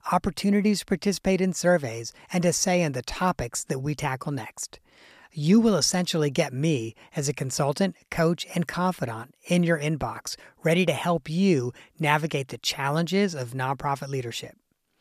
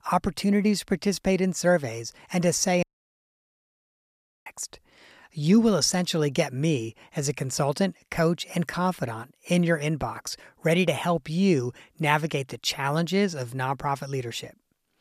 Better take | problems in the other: first | audio cutting out; at 3 s for 1.5 s

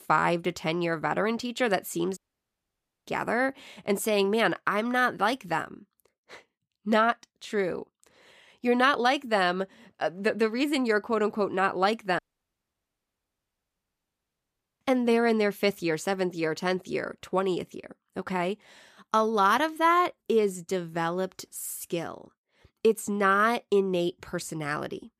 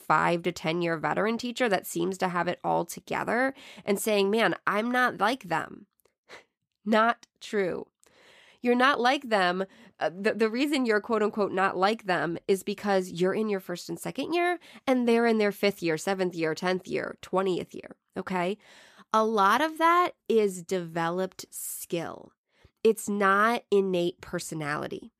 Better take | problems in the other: second | audio cutting out; at 2 s for 1 s and at 12 s for 2.5 s

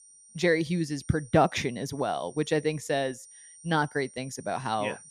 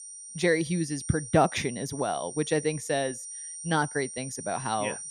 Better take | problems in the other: first | high-pitched whine; loud; throughout; 9 kHz, 10 dB below the speech; faint in the first

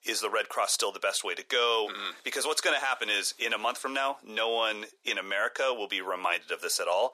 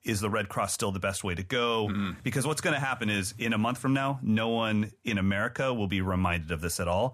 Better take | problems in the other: second | thin; very; fading below 400 Hz

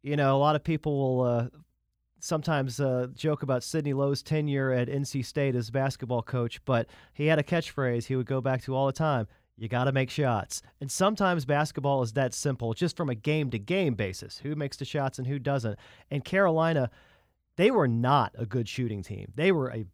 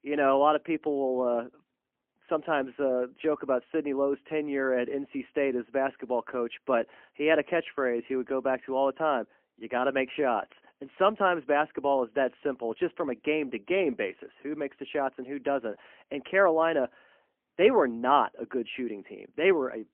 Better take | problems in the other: first | phone-call audio; poor line; nothing above 3 kHz

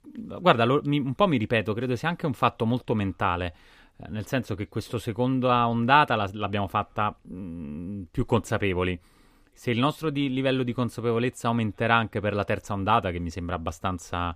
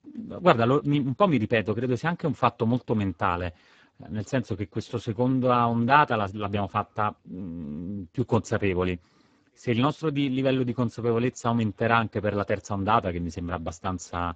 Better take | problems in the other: first | garbled, watery; badly; nothing above 7.5 kHz

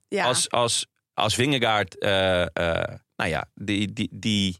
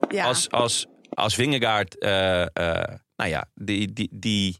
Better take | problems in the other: first | footsteps; noticeable; until 1 s; peak 5 dB below the speech

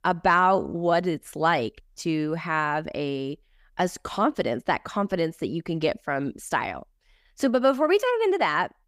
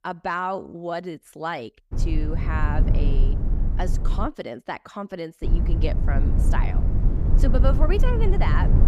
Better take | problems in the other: first | low rumble; loud; from 2 to 4.5 s and from 5.5 s on; 8 dB below the speech

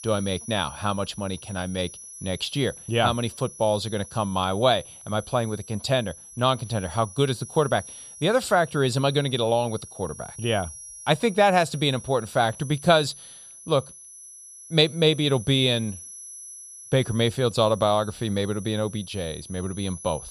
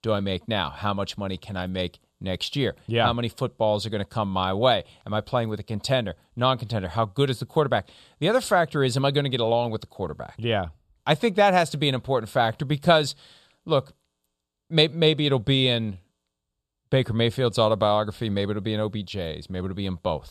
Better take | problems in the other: second | high-pitched whine; noticeable; throughout; 10.5 kHz, 15 dB below the speech

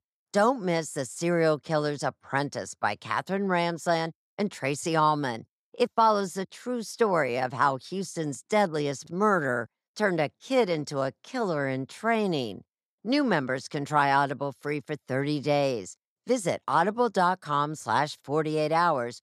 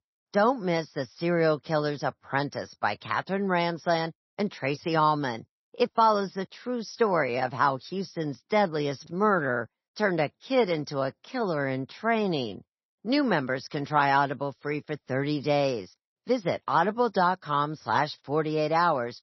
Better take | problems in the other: first | garbled, watery; slightly; nothing above 6 kHz

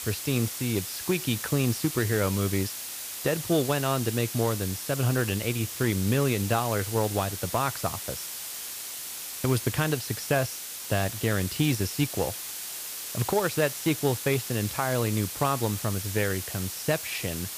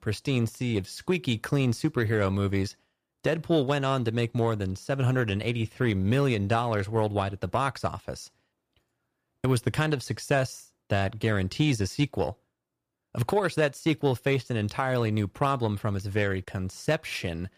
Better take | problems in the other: second | hiss; loud; throughout; 6 dB below the speech

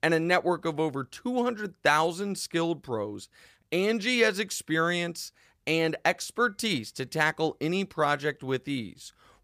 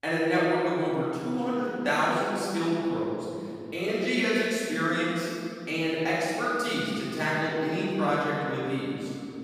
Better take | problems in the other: first | off-mic speech; far // room echo; strong; dies away in 2.7 s

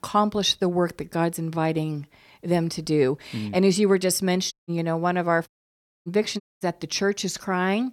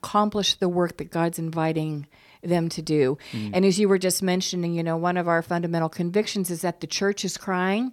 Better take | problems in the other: second | audio cutting out; at 4.5 s, at 5.5 s for 0.5 s and at 6.5 s

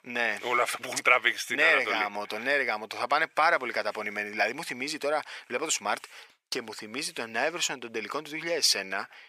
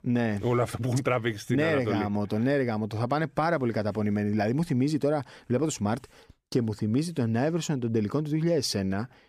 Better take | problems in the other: second | thin; very; fading below 850 Hz

